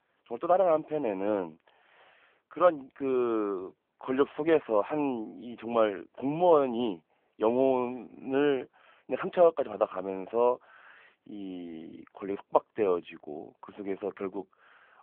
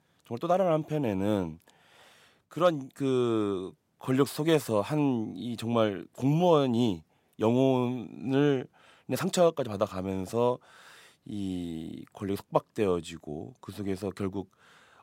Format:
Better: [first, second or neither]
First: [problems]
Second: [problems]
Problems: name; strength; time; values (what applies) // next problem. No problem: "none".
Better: second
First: phone-call audio; poor line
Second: none